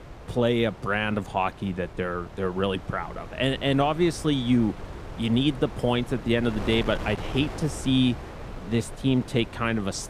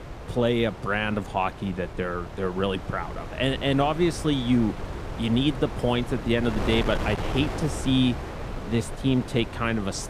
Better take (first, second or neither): first